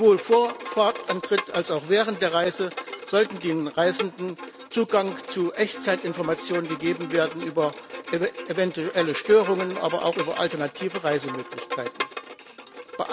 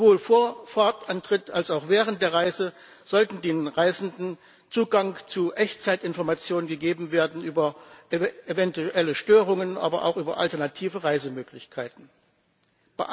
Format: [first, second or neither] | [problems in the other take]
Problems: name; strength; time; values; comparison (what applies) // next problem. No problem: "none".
second | background sound (Bowed string instrument); 11 dB below the speech